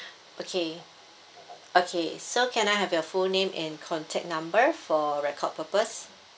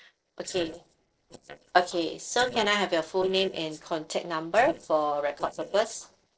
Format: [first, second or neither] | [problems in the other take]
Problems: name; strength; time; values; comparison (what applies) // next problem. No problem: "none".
first | noise reduction (neural separator model SepFormer DNS4)